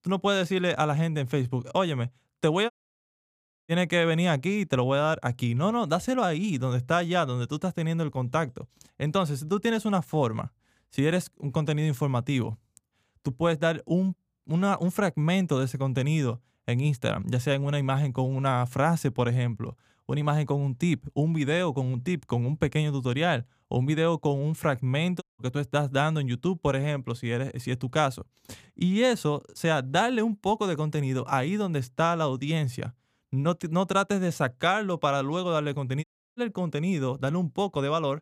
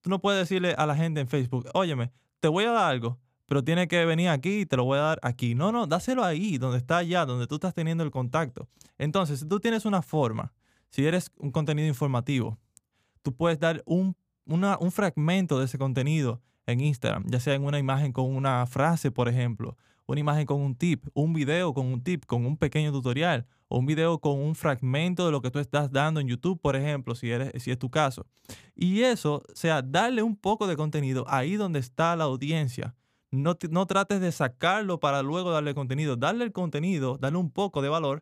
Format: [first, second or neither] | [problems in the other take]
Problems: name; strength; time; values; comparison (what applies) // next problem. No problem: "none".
second | audio cutting out; at 2.5 s for 1 s, at 25 s and at 36 s